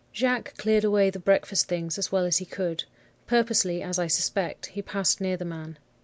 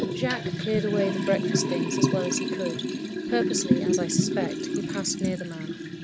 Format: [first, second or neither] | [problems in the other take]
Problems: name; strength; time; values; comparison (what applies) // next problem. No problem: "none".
first | background sound (Liquid); 3 dB above the speech